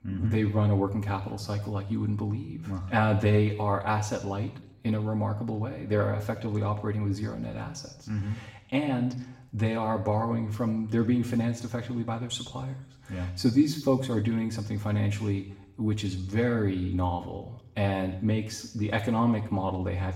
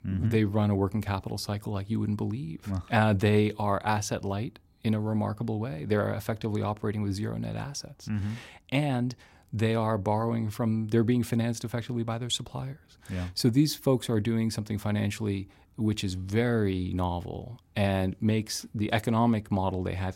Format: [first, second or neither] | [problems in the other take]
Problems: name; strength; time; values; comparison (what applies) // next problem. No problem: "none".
second | room echo; slight; dies away in 0.7 s // off-mic speech; far